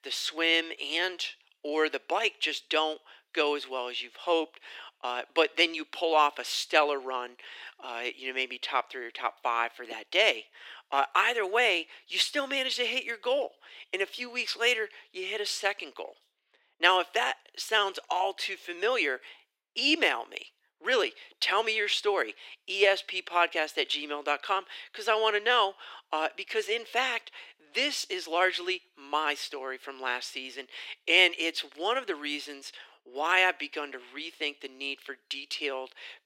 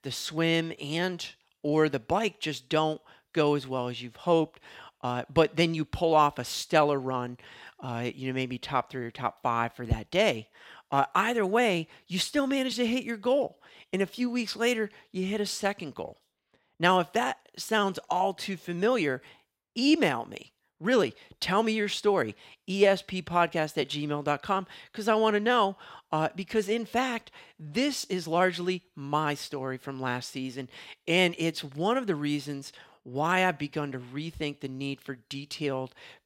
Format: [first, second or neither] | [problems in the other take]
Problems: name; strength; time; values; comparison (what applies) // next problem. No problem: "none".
second | thin; very; fading below 350 Hz